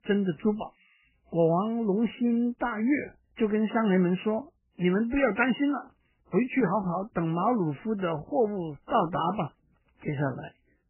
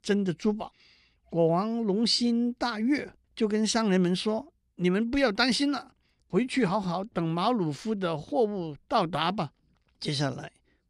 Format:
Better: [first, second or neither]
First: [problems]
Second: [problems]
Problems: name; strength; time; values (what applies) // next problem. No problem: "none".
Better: second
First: garbled, watery; badly; nothing above 3 kHz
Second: none